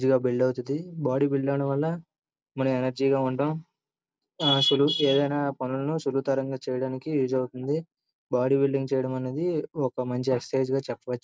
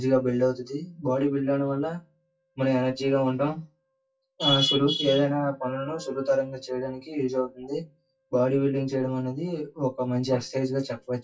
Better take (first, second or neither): first